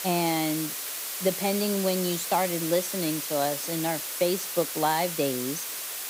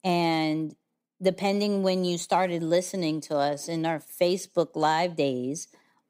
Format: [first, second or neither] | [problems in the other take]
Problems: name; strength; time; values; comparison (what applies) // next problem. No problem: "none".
second | hiss; loud; throughout; 3 dB below the speech